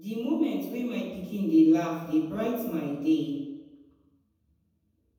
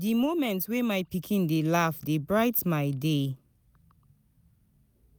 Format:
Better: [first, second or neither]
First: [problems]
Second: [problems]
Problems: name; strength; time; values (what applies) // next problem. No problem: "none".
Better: second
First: room echo; dies away in 1.1 s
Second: none